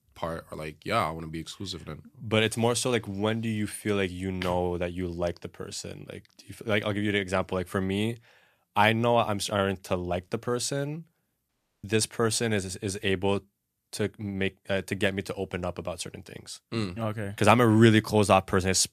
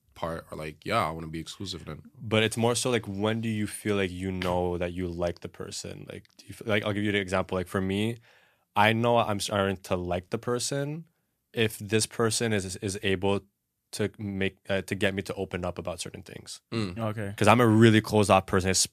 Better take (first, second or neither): second